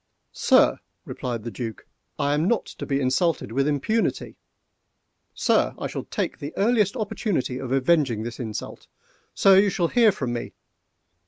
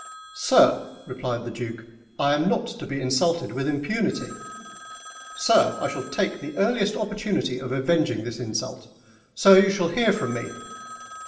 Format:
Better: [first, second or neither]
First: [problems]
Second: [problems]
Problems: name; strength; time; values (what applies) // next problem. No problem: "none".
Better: first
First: none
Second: background sound (Telephone); 20 dB below the speech // room echo; dies away in 1.3 s